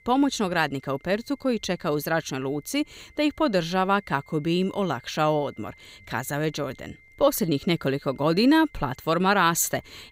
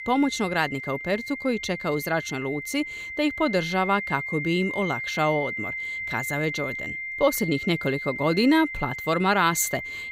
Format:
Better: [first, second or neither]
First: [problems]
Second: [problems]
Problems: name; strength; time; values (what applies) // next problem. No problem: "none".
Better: first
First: high-pitched whine; faint; throughout; 2 kHz, 30 dB below the speech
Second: high-pitched whine; loud; throughout; 2 kHz, 6 dB below the speech